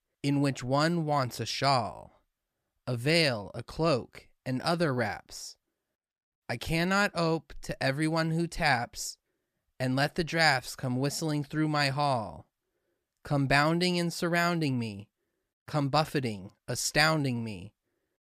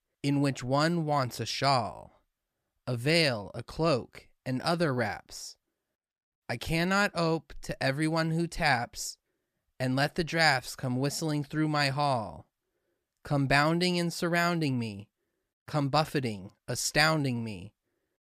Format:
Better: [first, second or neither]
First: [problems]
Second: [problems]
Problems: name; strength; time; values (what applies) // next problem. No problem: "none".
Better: neither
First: none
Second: none